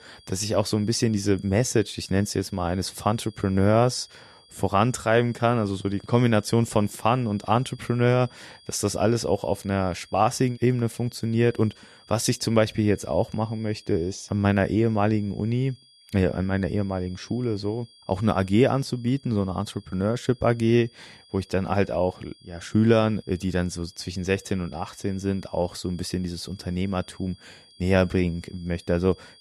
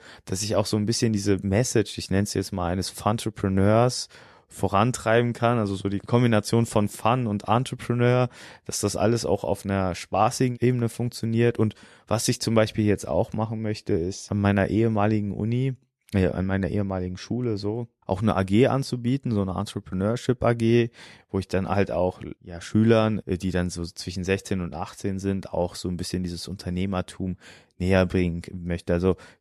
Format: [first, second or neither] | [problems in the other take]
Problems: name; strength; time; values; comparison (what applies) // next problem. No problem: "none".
second | high-pitched whine; faint; throughout; 4.5 kHz, 25 dB below the speech